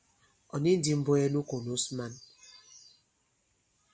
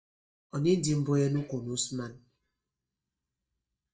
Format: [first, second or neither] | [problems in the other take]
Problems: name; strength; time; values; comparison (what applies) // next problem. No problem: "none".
first | noise reduction (neural mask model DeepFilterNet 3)